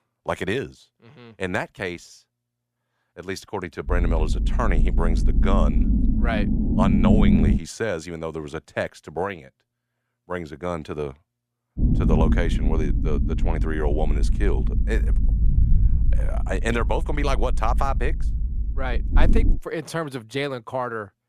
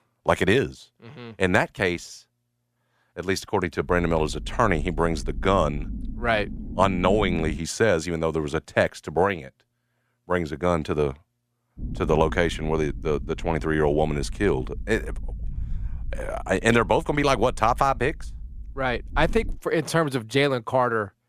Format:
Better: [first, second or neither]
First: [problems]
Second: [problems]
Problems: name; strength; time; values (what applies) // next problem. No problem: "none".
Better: second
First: low rumble; loud; from 4 to 7.5 s and from 12 to 20 s; 5 dB below the speech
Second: low rumble; faint; from 4 to 7.5 s and from 12 to 20 s; 20 dB below the speech